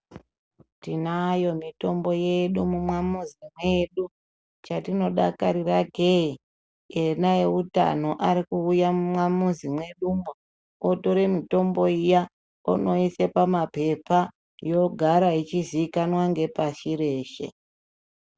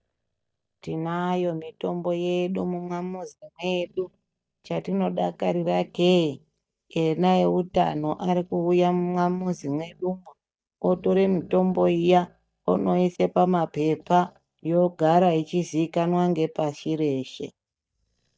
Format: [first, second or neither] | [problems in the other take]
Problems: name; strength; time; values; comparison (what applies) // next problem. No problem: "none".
first | noise reduction (neural mask model DeepFilterNet 3)